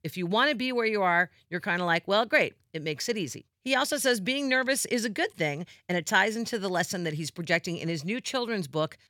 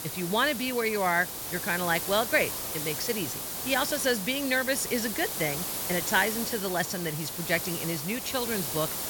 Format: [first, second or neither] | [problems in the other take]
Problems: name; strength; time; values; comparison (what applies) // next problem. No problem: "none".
first | hiss; loud; throughout; 3 dB below the speech